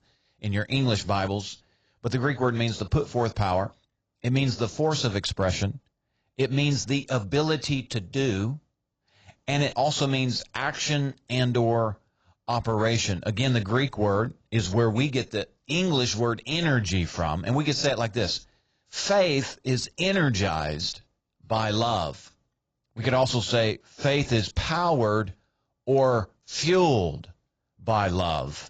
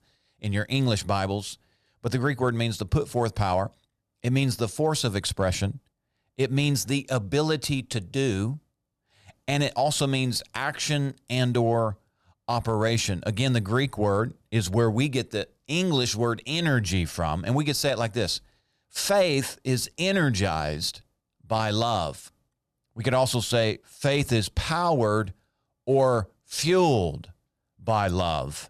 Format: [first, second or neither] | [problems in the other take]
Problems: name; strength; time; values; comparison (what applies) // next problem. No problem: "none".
second | garbled, watery; badly; nothing above 7.5 kHz